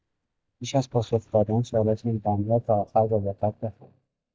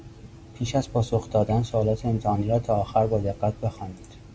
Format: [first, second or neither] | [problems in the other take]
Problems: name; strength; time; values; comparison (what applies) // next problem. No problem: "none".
second | noise reduction (neural mask model DeepFilterNet 3)